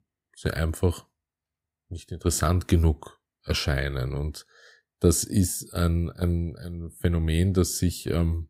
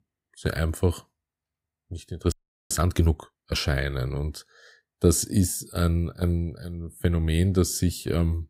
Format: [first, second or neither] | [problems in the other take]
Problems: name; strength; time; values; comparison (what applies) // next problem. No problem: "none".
first | audio freezing; at 2.5 s